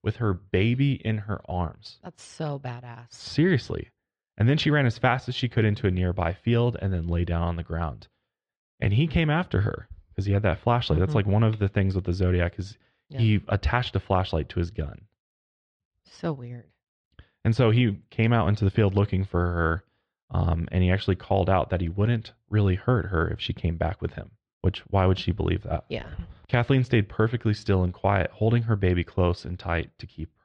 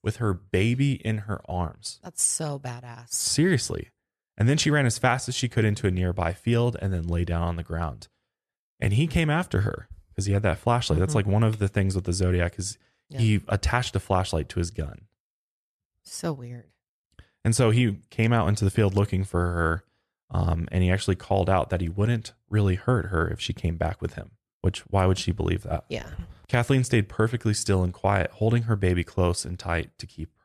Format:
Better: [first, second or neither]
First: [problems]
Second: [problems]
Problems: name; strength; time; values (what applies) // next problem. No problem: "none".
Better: second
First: muffled; slightly; fading above 4 kHz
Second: none